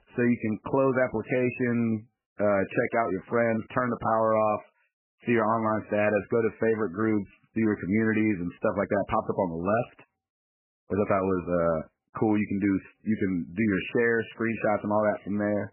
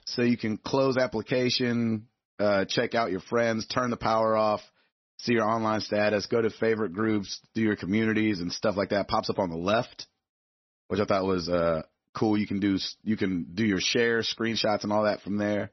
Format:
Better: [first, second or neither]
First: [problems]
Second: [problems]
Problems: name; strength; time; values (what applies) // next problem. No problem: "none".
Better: second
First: garbled, watery; badly; nothing above 2.5 kHz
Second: garbled, watery; slightly; nothing above 6 kHz